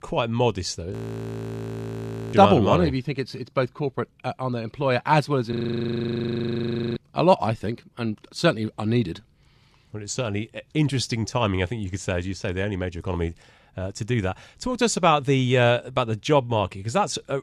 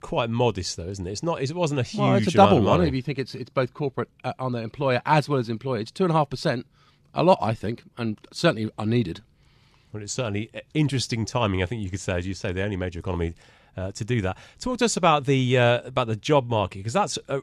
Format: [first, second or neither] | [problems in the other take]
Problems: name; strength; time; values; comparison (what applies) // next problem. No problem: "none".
second | audio freezing; at 1 s for 1.5 s and at 5.5 s for 1.5 s